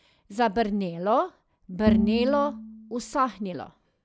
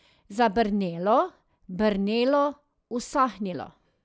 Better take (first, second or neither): second